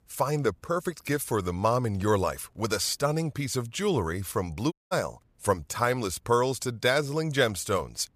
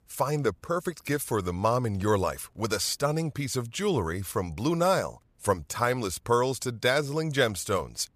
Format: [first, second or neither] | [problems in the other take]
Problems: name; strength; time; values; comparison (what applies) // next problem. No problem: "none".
second | audio cutting out; at 4.5 s